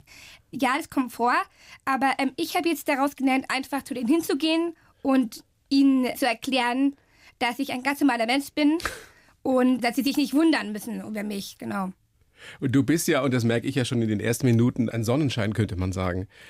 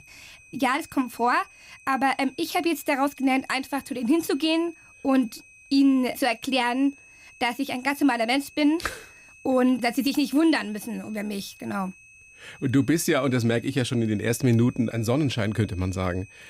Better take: first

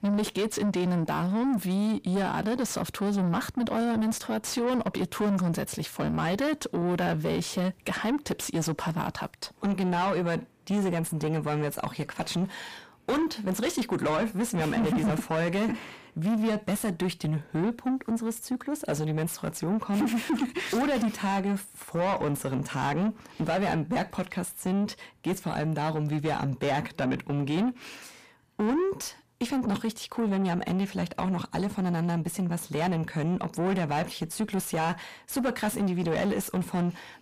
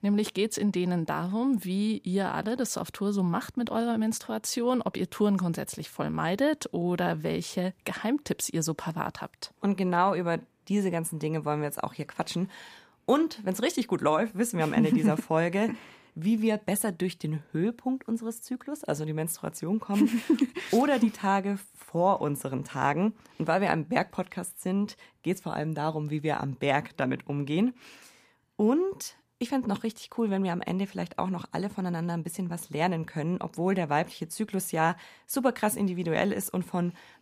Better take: second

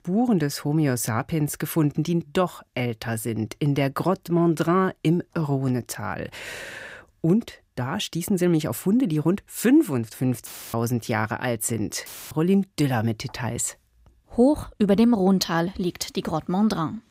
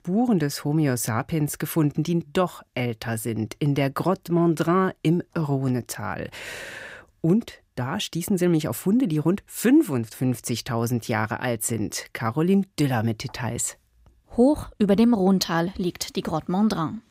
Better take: second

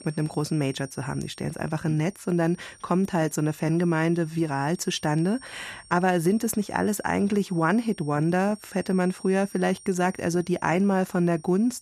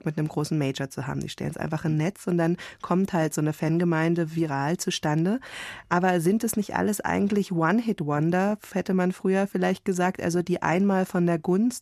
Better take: second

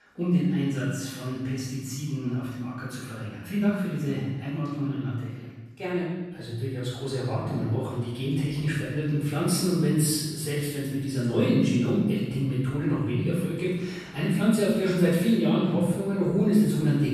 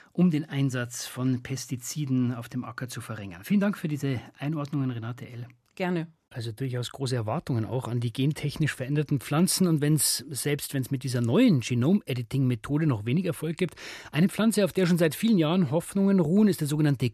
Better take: second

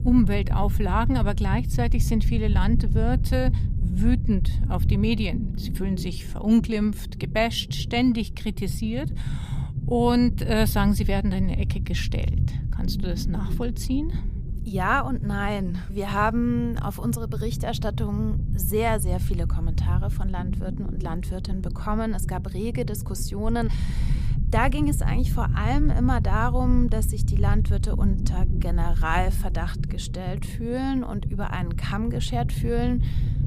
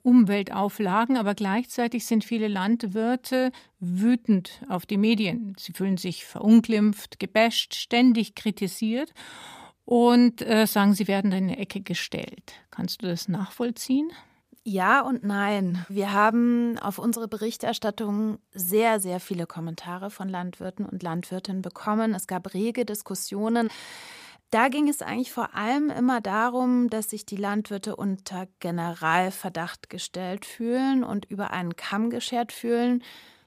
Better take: second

